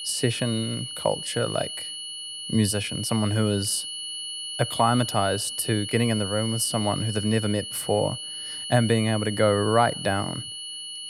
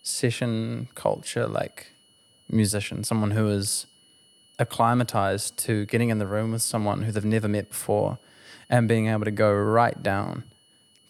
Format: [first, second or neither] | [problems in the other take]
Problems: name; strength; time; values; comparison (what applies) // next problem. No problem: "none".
second | high-pitched whine; loud; throughout; 3 kHz, 6 dB below the speech; faint in the second